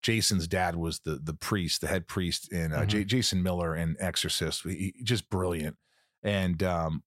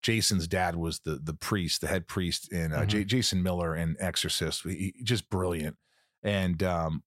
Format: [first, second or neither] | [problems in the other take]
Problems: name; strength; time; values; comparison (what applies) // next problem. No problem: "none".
neither | none